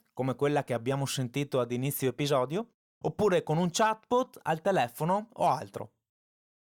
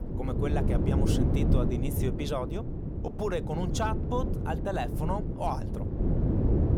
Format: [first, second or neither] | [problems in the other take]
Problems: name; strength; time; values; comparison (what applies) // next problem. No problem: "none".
first | wind noise on the microphone; heavy; 3 dB below the speech